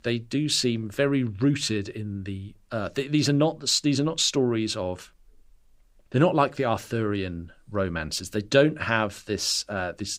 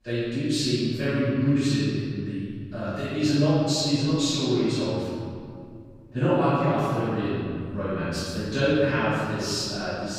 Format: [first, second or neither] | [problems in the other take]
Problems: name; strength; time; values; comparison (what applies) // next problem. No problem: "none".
first | off-mic speech; far // room echo; strong; dies away in 2.3 s